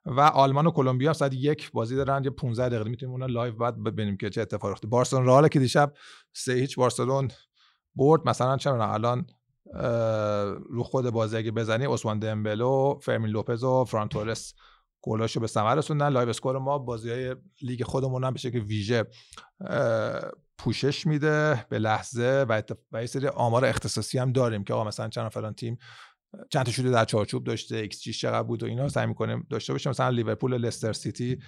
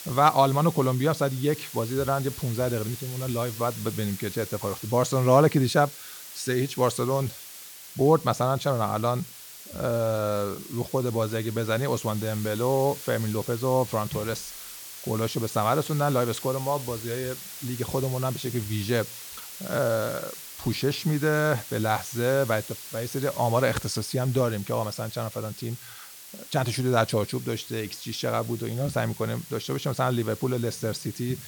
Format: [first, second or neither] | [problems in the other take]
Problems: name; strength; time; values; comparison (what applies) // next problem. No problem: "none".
first | hiss; noticeable; throughout; 10 dB below the speech